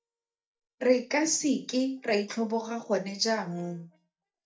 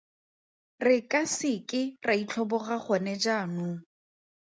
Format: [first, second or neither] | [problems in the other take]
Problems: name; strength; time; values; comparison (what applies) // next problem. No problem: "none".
second | noise reduction (neural mask model DeepFilterNet 3)